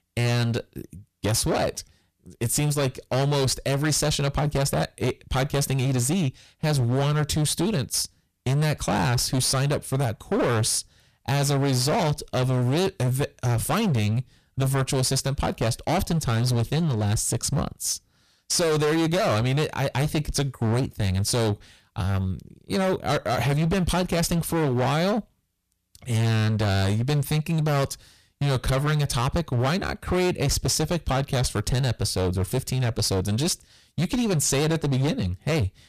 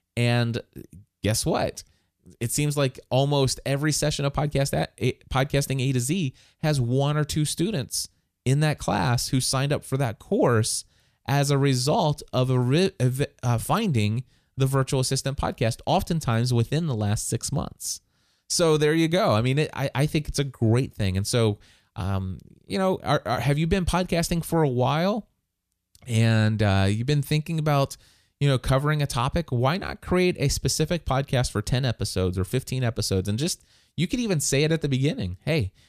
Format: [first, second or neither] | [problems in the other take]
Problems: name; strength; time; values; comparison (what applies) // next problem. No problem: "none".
second | distortion; heavy; 23% of the sound clipped